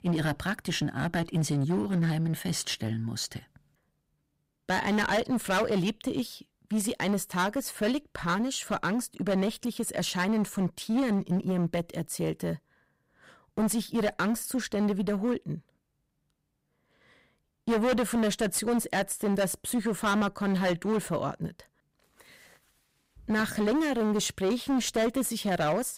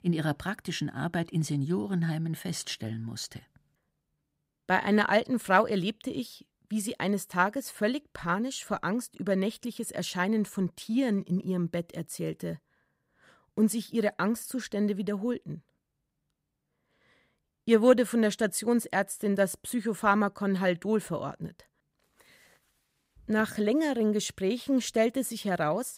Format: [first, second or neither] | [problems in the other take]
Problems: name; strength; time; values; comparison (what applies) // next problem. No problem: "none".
second | distortion; heavy; 13% of the sound clipped